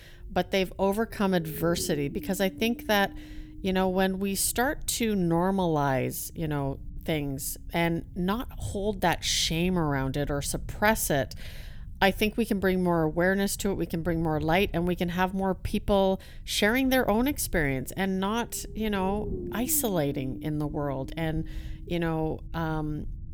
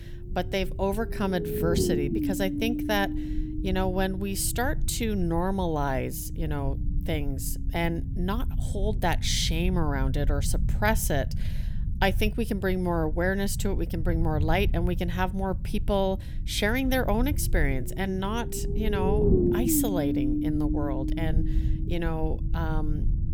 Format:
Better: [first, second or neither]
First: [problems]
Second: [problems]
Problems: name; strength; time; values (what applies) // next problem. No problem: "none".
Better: first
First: low rumble; faint; throughout; 20 dB below the speech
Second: low rumble; loud; throughout; 6 dB below the speech